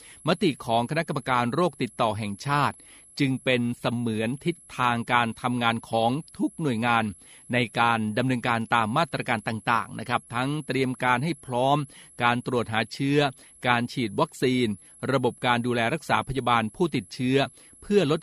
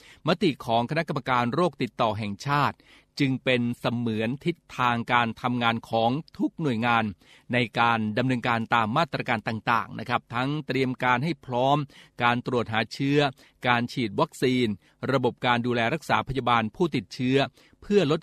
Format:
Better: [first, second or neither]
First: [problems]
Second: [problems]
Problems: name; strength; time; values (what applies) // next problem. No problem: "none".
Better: second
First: high-pitched whine; faint; throughout; 11 kHz, 25 dB below the speech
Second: none